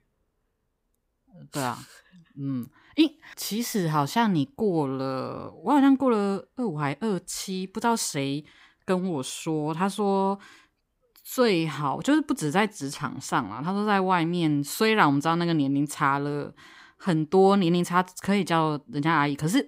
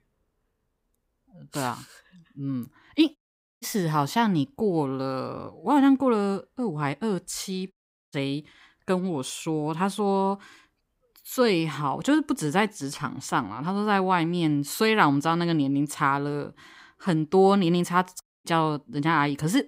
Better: first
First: none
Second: audio cutting out; at 3 s, at 7.5 s and at 18 s

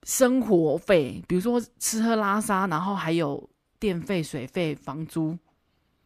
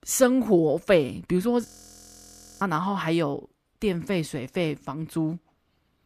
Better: first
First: none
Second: audio freezing; at 1.5 s for 1 s

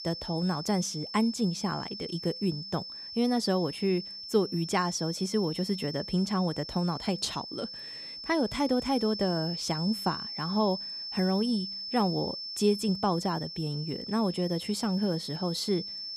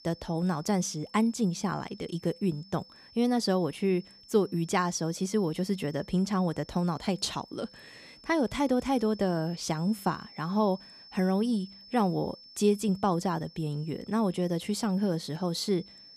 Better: second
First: high-pitched whine; loud; throughout; 5.5 kHz, 7 dB below the speech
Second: high-pitched whine; faint; throughout; 5.5 kHz, 20 dB below the speech

